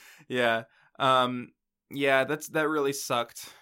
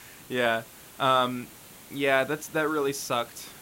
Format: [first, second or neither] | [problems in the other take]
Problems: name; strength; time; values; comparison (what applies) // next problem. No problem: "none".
first | hiss; noticeable; throughout; 20 dB below the speech